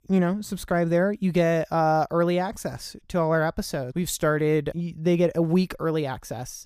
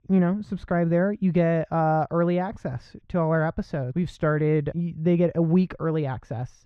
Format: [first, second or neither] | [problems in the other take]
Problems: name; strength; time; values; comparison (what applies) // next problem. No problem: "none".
first | muffled; very; fading above 2.5 kHz